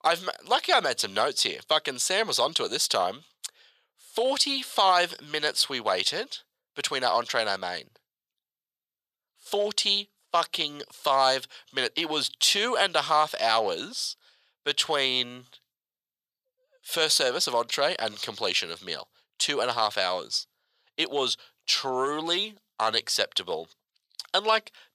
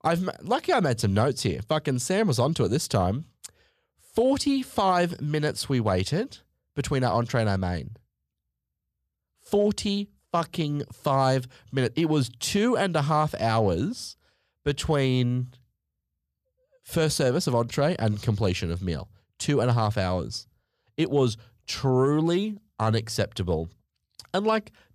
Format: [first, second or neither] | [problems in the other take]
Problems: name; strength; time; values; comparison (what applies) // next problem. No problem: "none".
second | thin; very; fading below 650 Hz